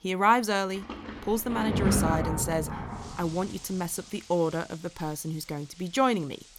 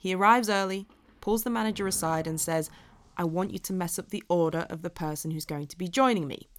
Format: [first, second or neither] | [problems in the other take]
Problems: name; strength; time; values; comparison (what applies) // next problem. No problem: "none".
second | rain or running water; loud; throughout; 4 dB below the speech; faint in the second